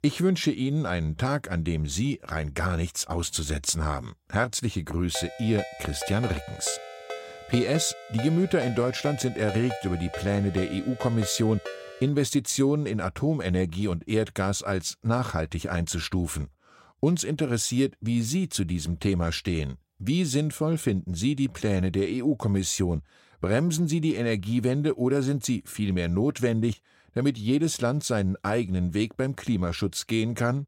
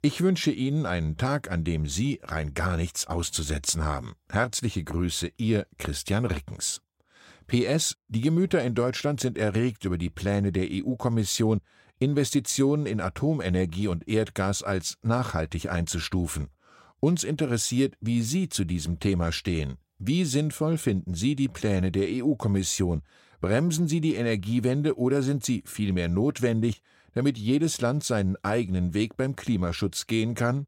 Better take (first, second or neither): second